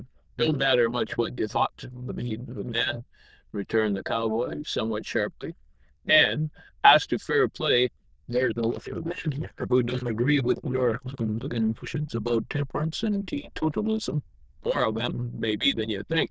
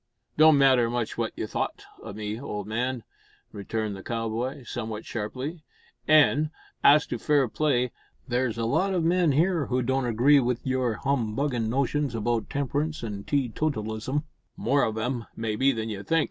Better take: second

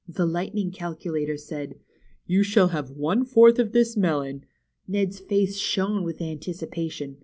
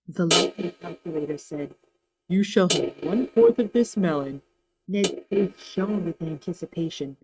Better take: first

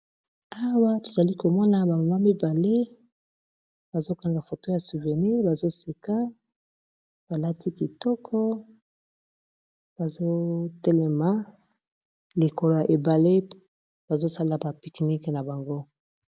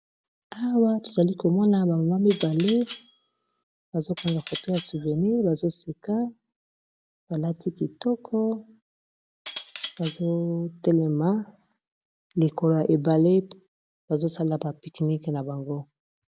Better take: first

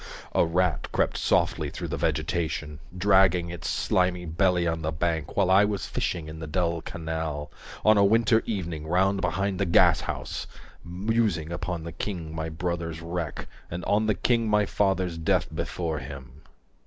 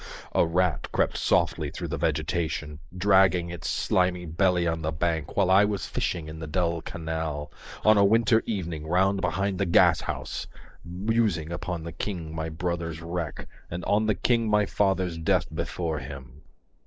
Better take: first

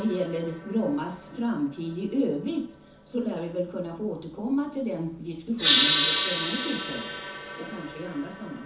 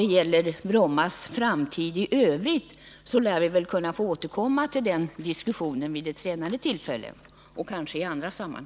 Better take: second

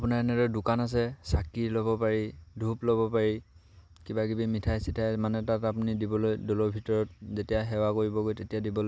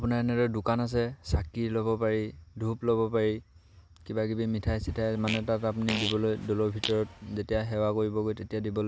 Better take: first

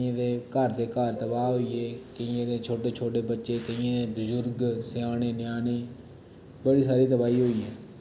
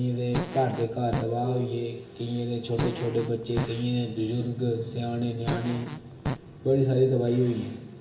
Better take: first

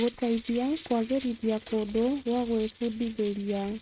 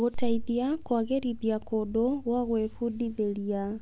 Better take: second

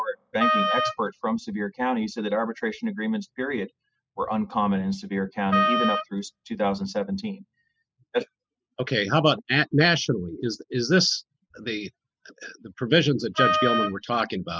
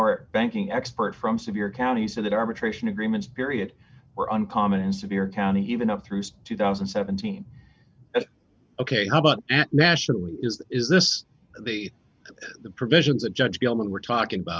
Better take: second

